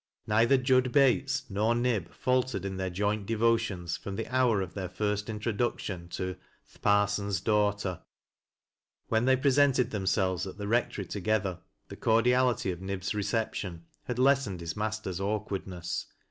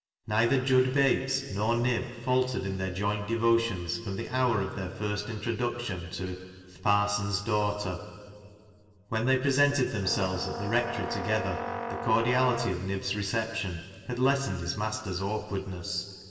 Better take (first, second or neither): first